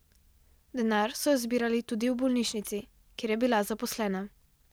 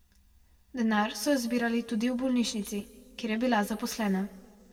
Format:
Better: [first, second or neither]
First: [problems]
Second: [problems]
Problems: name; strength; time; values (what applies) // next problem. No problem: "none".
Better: first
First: none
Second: room echo; dies away in 1.6 s